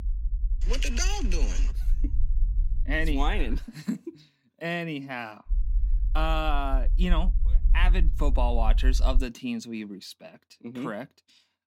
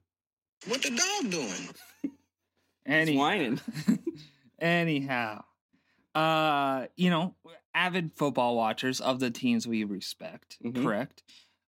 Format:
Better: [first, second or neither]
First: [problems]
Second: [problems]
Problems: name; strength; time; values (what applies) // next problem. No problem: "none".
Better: second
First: low rumble; noticeable; until 3.5 s and from 5.5 to 9 s; 20 dB below the speech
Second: none